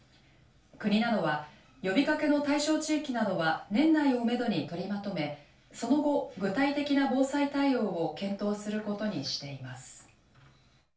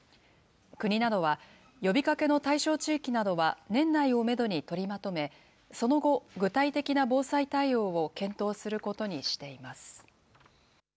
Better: second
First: room echo; dies away in 0.3 s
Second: none

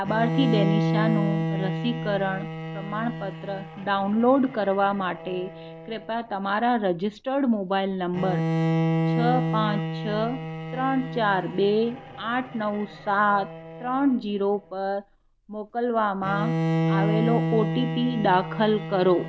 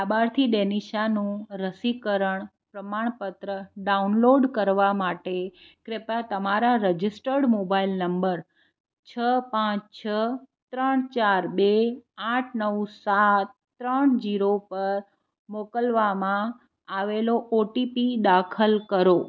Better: second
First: background sound (Bowed string instrument); 3 dB below the speech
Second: none

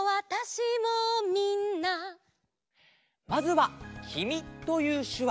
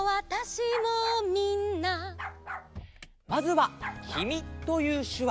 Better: first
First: none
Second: background sound (Motor vehicle (road) + Bark); 12 dB below the speech

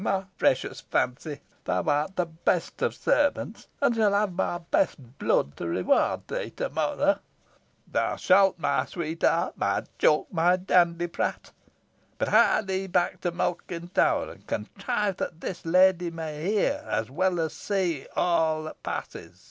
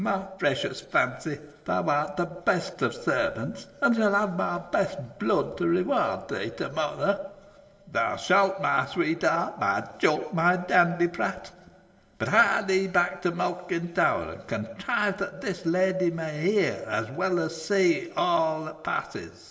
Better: first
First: none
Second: room echo; dies away in 1.6 s

